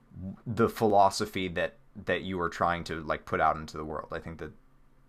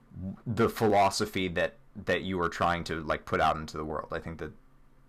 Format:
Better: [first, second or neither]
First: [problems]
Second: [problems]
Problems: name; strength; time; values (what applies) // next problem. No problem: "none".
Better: first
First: none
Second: distortion; slight; 3% of the sound clipped